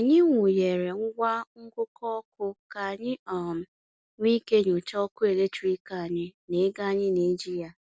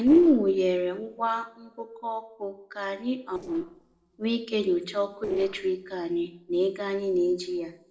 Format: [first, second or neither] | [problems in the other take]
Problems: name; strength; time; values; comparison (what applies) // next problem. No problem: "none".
first | noise reduction (neural separator model SepFormer DNS4)